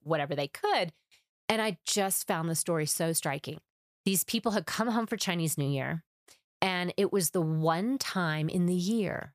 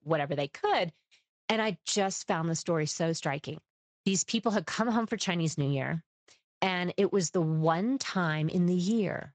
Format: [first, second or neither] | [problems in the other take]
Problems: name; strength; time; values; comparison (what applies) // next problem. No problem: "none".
first | garbled, watery; slightly; nothing above 7.5 kHz